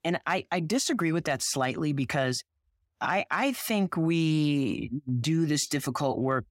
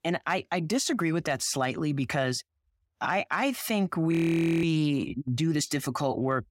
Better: first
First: none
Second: audio freezing; at 4 s for 0.5 s

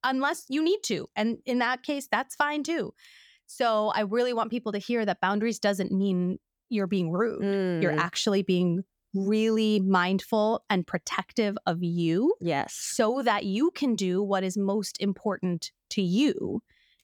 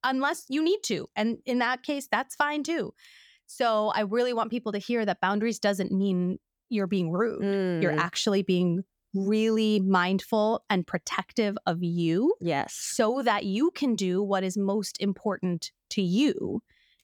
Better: neither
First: none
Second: none

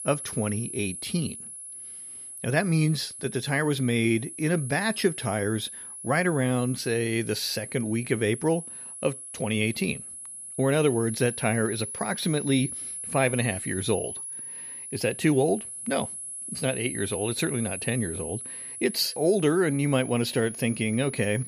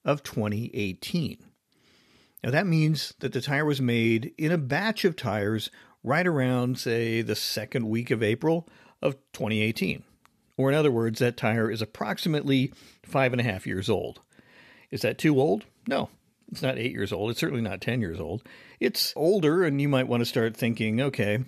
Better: second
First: high-pitched whine; loud; throughout; 10.5 kHz, 8 dB below the speech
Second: none

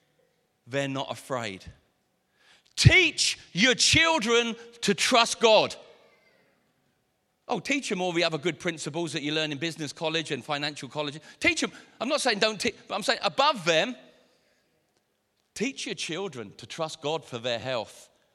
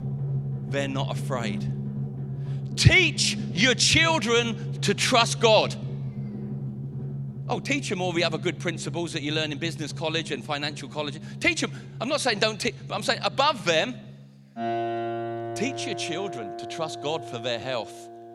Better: first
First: none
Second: background music; loud; throughout; 9 dB below the speech

